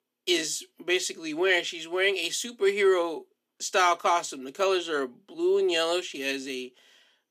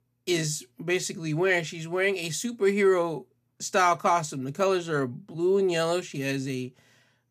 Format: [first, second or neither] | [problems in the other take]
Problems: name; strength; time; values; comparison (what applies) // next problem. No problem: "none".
second | thin; somewhat; fading below 300 Hz